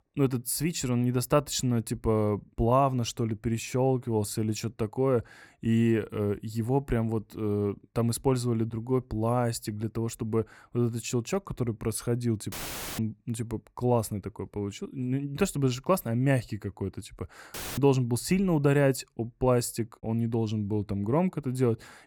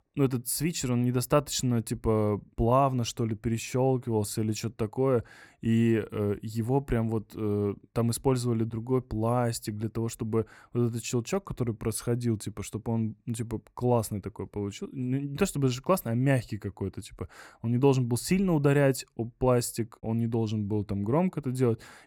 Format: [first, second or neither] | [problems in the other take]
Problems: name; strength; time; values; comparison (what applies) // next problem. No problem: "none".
second | audio cutting out; filled with static; at 13 s and at 18 s